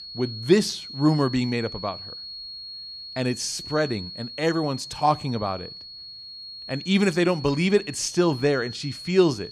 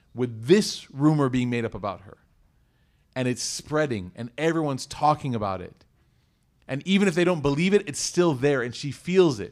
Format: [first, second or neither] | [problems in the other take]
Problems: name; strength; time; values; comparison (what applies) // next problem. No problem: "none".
second | high-pitched whine; noticeable; throughout; 4.5 kHz, 10 dB below the speech